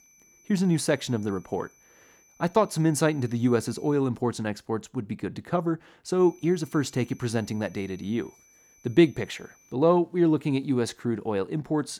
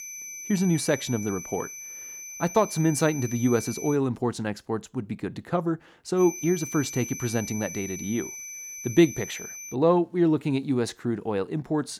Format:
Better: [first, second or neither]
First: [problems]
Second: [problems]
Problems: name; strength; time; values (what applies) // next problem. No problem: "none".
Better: first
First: high-pitched whine; faint; until 4 s and from 6 to 9.5 s; 6 kHz, 30 dB below the speech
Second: high-pitched whine; loud; until 4 s and from 6 to 9.5 s; 6 kHz, 10 dB below the speech